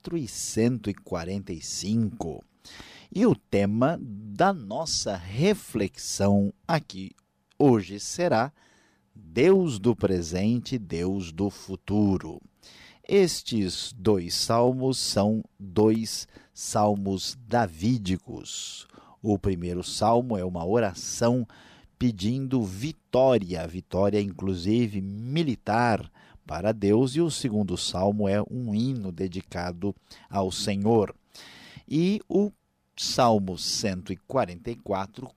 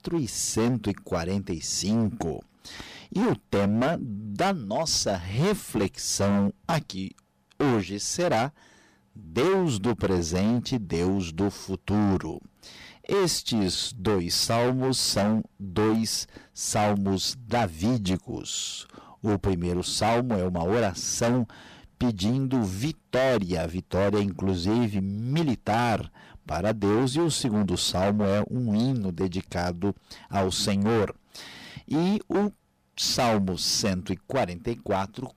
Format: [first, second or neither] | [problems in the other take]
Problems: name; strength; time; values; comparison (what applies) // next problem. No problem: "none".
first | distortion; heavy; 15% of the sound clipped